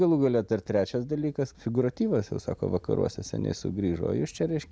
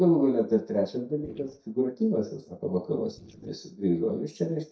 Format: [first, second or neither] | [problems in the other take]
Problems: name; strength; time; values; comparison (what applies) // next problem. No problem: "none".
first | noise reduction (neural mask model DeepFilterNet 3)